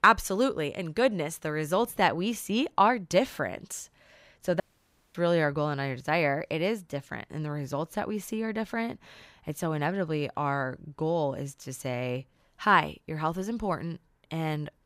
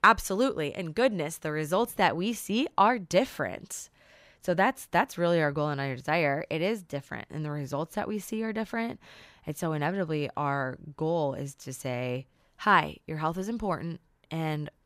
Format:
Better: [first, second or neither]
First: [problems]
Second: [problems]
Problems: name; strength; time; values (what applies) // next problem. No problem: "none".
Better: second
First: audio cutting out; at 4.5 s for 0.5 s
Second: none